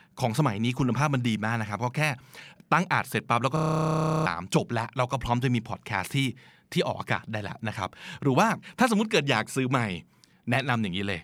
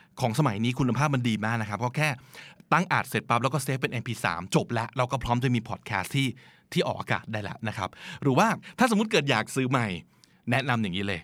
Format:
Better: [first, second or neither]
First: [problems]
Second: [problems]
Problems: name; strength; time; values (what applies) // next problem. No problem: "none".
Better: second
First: audio freezing; at 3.5 s for 0.5 s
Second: none